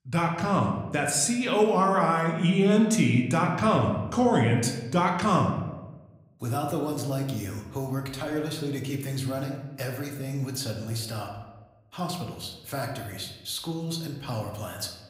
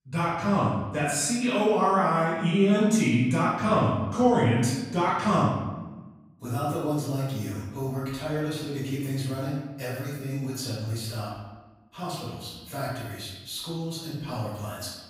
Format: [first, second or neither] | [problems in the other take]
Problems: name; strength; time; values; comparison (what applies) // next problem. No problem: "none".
first | room echo; strong; dies away in 1.1 s; slight in the first // off-mic speech; far